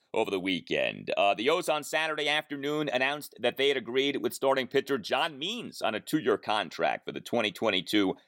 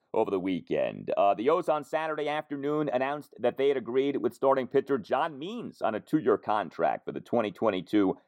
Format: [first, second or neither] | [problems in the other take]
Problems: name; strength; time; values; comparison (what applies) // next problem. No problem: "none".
first | muffled; very; fading above 1.5 kHz